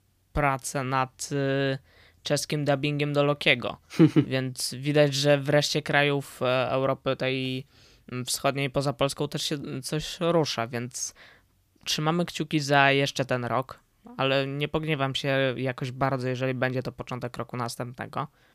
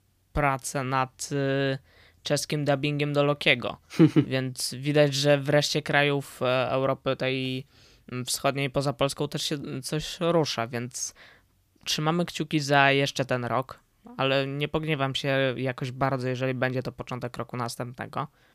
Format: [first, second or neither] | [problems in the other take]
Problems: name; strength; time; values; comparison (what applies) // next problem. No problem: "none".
neither | none